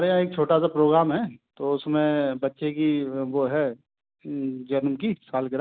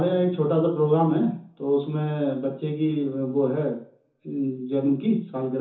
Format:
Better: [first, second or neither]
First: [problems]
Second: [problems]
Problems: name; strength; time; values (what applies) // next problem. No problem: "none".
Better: first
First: none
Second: room echo; dies away in 0.6 s